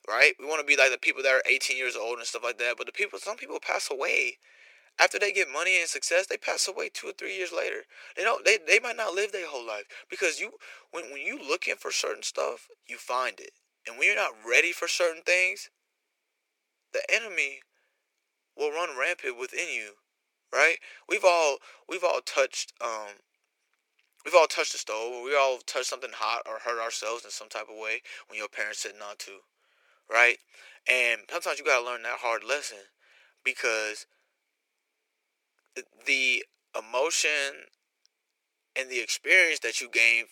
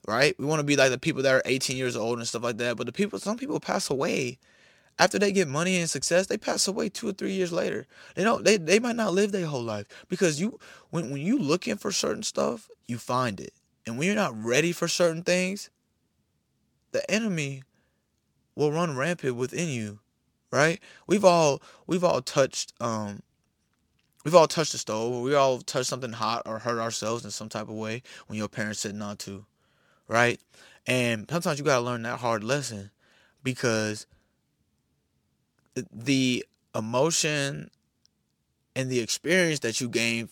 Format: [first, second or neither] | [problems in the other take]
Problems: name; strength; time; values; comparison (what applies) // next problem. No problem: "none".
second | thin; very; fading below 400 Hz